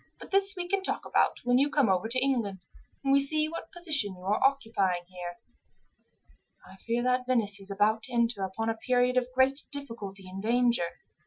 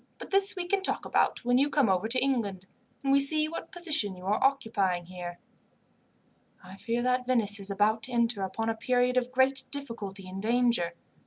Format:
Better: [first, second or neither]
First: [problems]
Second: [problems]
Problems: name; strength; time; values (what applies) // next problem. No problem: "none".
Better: second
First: noise reduction (classical method Wiener filter)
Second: none